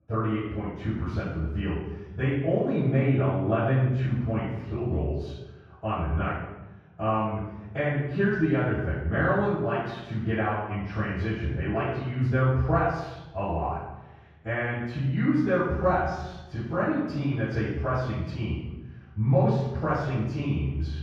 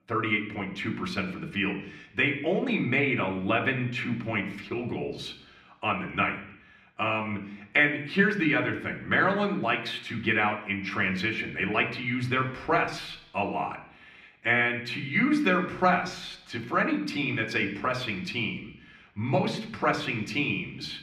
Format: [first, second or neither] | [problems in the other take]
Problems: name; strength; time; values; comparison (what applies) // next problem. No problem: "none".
second | room echo; strong; dies away in 1.3 s; slight in the second // off-mic speech; far